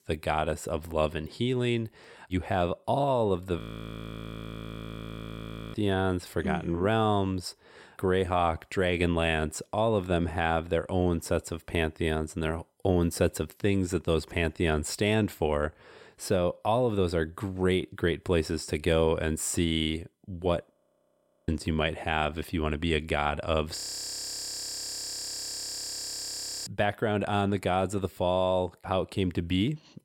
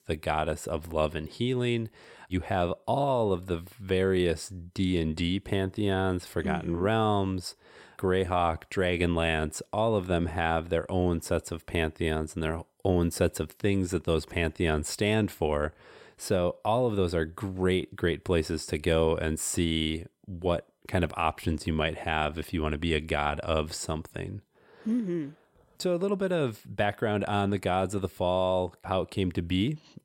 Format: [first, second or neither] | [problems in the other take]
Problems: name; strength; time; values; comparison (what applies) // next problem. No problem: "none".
second | audio freezing; at 3.5 s for 2 s, at 21 s for 1 s and at 24 s for 3 s